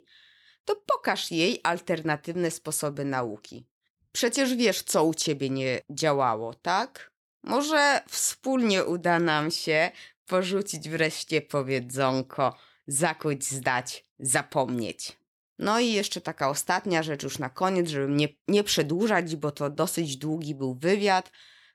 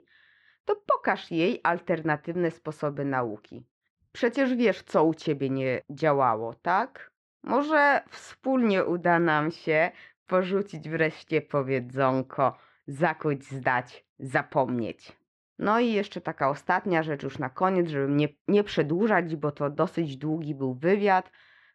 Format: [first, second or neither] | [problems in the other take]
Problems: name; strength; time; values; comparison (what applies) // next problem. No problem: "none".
first | muffled; very; fading above 1.5 kHz